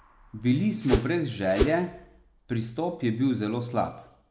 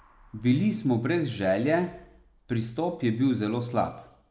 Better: second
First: background sound (Whoosh, swoosh, swish); 1 dB above the speech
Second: none

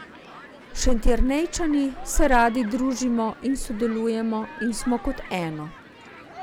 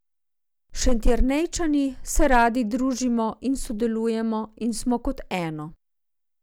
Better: second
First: background sound (Human group actions); 18 dB below the speech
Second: none

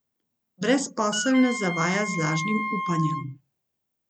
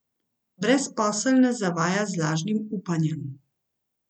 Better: second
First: background sound (Wind instrument, woodwind instrument); 5 dB below the speech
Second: none

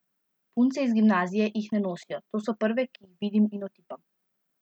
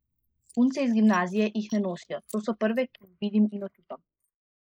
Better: first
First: none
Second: noise reduction (neural mask model Resemble Enhance denoiser)

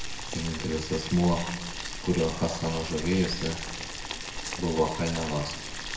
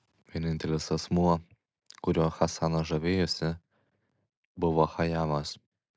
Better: second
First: background sound (Boiling); 6 dB below the speech // room echo; dies away in 0.9 s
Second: none

